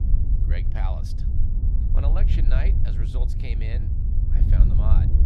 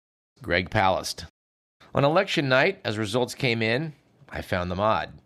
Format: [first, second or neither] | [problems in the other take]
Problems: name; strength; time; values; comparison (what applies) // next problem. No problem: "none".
second | low rumble; loud; throughout; 1 dB below the speech